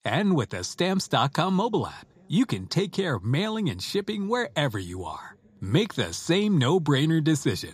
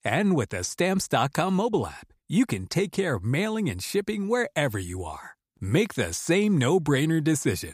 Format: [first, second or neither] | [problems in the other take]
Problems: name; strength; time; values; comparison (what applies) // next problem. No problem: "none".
second | room echo; slight; dies away in 3 s